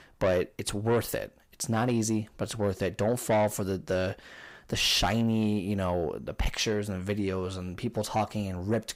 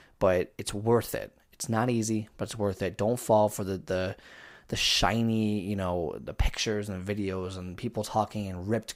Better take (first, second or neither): second